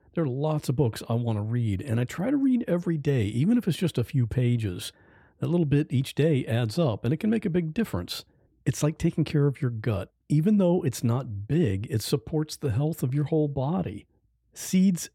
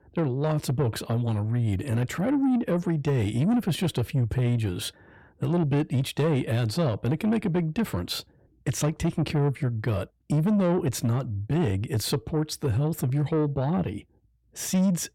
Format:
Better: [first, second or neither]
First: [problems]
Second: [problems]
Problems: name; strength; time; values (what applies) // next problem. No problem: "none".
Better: first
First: none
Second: distortion; slight; 10 dB below the speech